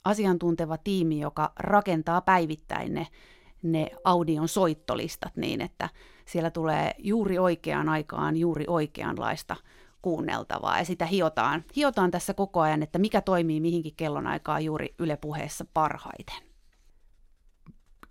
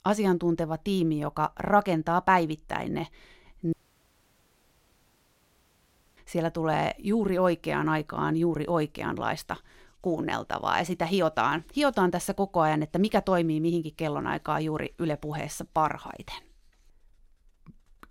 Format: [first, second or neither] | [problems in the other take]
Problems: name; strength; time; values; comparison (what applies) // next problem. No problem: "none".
first | audio cutting out; at 3.5 s for 2.5 s